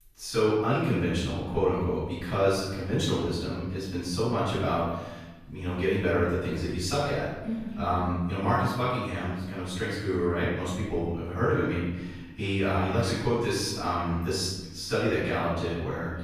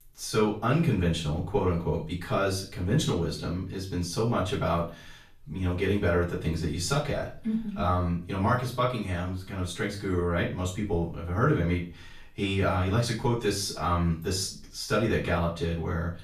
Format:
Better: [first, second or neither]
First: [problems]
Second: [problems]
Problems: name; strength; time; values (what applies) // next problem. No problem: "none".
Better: second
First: room echo; strong; dies away in 1.1 s // off-mic speech; far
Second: room echo; slight; dies away in 0.4 s // off-mic speech; far